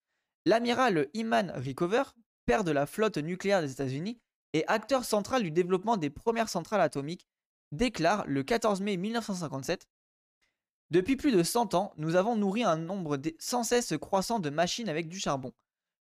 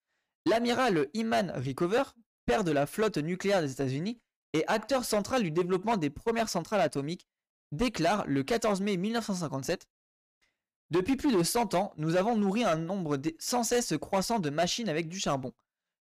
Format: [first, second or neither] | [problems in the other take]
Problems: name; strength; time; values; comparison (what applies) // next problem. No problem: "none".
first | distortion; slight; 7% of the sound clipped